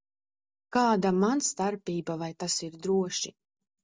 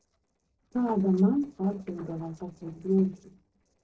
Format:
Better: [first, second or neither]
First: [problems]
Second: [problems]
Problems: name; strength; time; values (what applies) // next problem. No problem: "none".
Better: first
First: none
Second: noise reduction (neural separator model SepFormer DNS4)